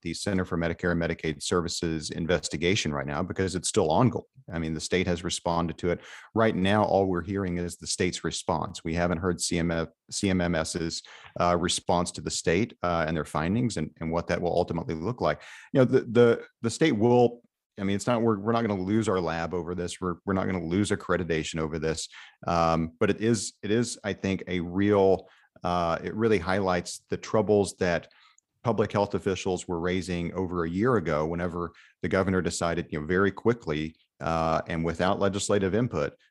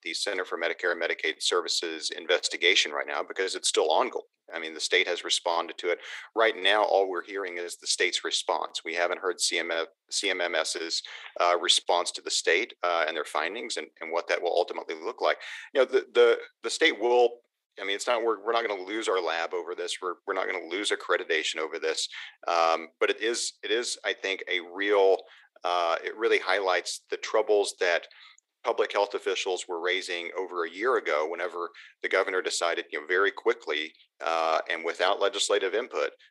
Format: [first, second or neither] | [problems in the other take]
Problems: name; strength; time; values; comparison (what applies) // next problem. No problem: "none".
first | thin; very; fading below 350 Hz